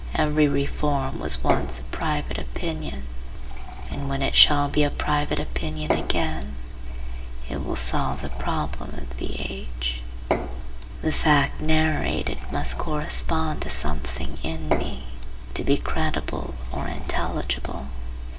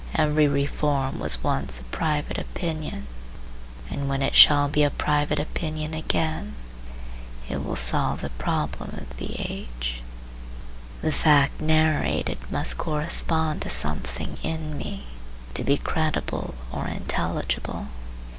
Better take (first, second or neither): second